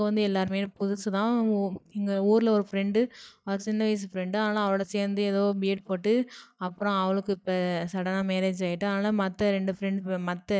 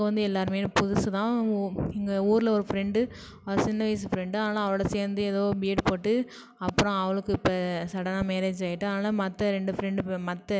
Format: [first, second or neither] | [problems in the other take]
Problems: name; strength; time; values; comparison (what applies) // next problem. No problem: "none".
second | noise reduction (neural mask model DeepFilterNet 3)